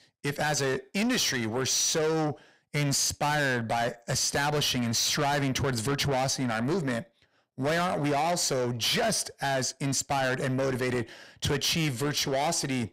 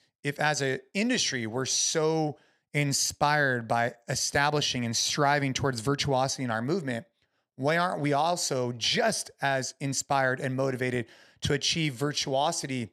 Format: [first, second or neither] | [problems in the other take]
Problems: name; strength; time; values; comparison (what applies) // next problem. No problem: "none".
second | distortion; heavy; 7 dB below the speech